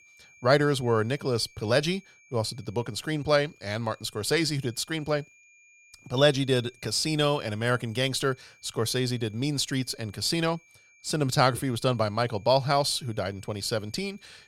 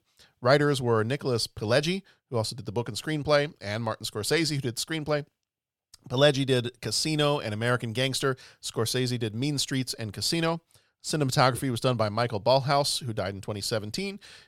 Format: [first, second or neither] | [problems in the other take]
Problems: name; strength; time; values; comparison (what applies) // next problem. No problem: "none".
second | high-pitched whine; faint; throughout; 2.5 kHz, 30 dB below the speech